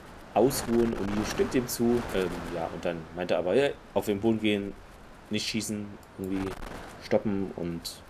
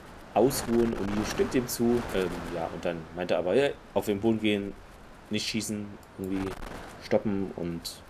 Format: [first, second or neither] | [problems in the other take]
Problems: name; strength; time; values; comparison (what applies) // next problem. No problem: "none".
neither | wind noise on the microphone; occasional gusts; 10 dB below the speech; the same in both